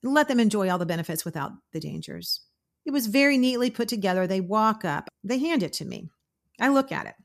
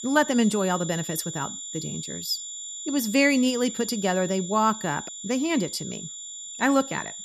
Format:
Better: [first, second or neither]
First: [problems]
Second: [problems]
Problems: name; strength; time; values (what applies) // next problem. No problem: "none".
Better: first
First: none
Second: high-pitched whine; loud; throughout; 7 kHz, 9 dB below the speech